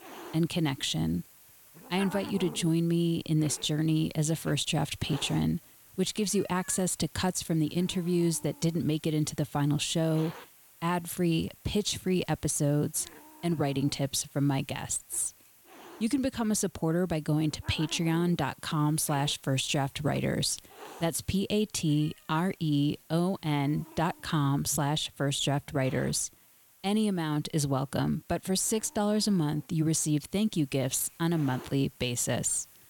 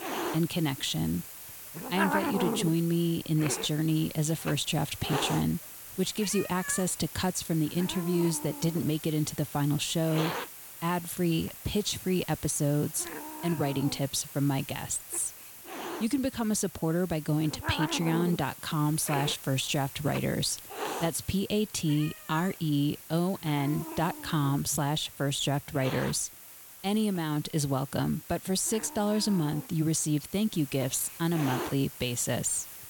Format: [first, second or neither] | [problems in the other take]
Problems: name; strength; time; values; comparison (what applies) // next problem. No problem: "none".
first | hiss; loud; throughout; 9 dB below the speech; faint in the first